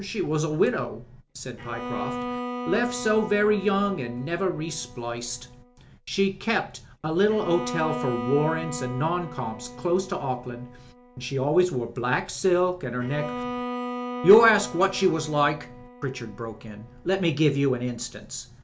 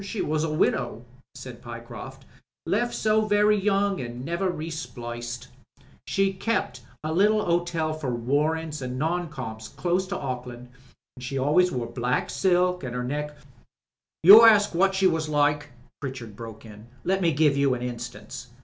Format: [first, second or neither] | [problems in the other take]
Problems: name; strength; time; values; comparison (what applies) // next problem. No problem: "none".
second | background sound (Bowed string instrument); 11 dB below the speech